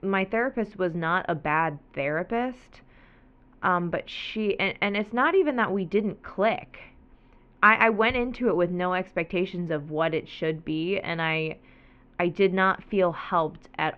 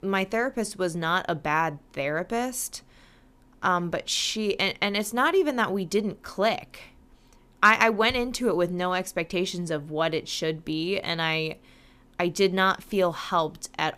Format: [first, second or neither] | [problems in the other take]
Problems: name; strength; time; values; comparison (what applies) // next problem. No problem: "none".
second | muffled; very; fading above 2.5 kHz